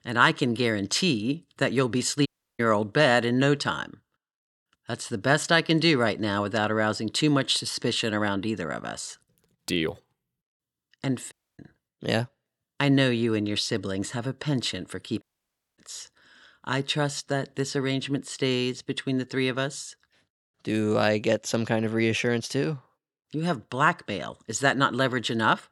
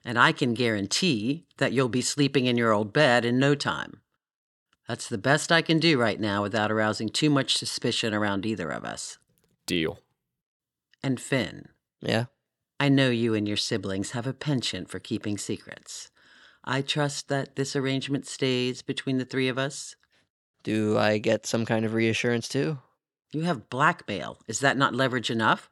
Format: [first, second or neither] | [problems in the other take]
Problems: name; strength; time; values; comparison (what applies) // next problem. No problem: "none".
second | audio cutting out; at 2.5 s, at 11 s and at 15 s for 0.5 s